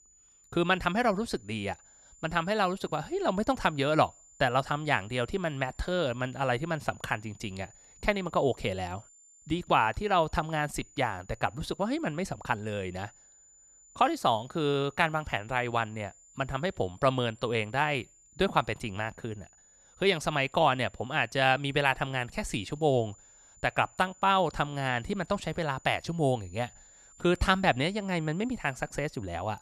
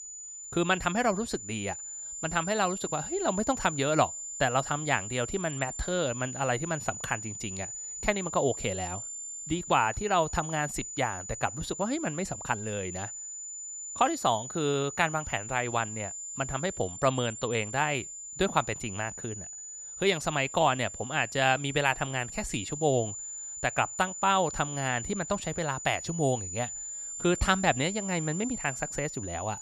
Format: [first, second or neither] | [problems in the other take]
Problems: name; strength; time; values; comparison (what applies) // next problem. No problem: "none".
first | high-pitched whine; loud; throughout; 7 kHz, 7 dB below the speech; faint in the first